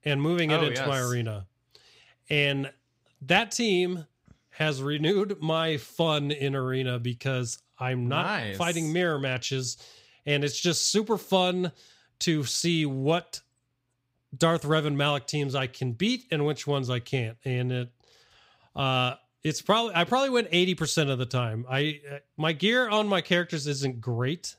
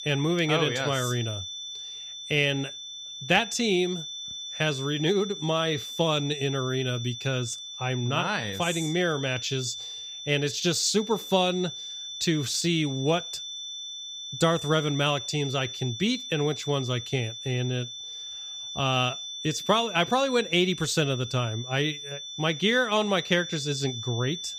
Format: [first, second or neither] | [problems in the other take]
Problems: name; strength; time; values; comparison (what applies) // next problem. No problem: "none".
first | high-pitched whine; loud; throughout; 3.5 kHz, 9 dB below the speech